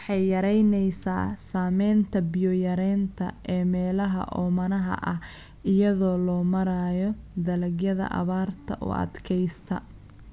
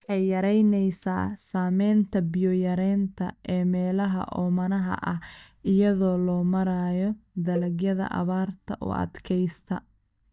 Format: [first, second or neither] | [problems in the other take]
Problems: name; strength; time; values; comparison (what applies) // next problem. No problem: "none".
first | noise reduction (neural mask model DeepFilterNet 3)